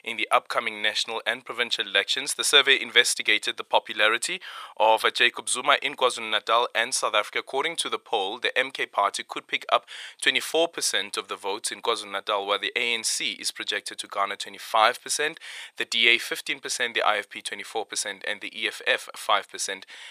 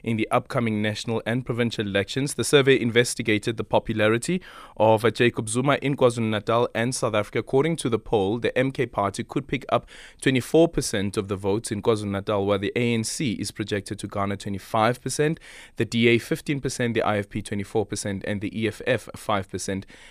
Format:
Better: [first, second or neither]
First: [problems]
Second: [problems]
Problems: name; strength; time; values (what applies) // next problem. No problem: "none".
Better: second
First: thin; very; fading below 900 Hz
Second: none